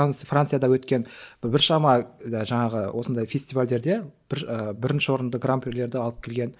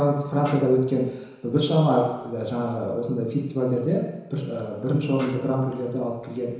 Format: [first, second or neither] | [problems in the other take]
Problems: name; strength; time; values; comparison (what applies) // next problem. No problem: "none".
first | background sound (Snare drum); 18 dB below the speech // room echo; dies away in 1 s